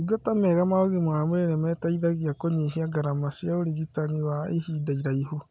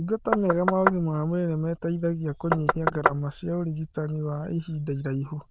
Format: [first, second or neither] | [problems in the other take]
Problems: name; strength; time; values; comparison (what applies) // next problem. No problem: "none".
first | noise reduction (neural diffusion model UNIVERSE++)